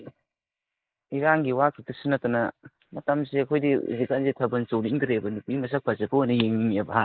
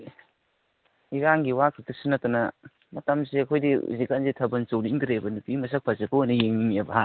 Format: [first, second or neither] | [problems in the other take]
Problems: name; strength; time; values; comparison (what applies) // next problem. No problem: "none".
second | noise reduction (neural mask model Resemble Enhance denoiser)